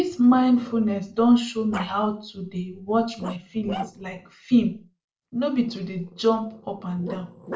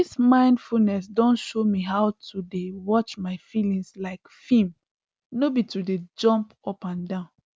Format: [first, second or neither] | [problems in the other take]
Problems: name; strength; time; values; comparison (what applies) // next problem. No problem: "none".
second | noise reduction (neural separator model SepFormer DNS4)